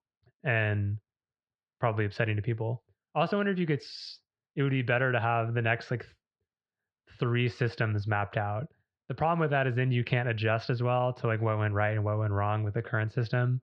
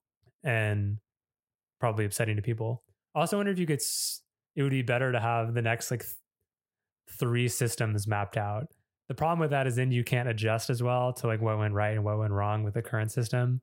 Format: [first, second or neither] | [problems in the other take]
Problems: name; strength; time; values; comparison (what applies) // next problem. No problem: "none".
second | muffled; slightly; fading above 4.5 kHz